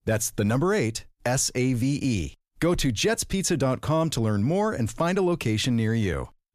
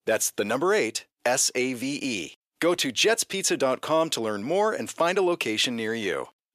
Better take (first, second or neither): first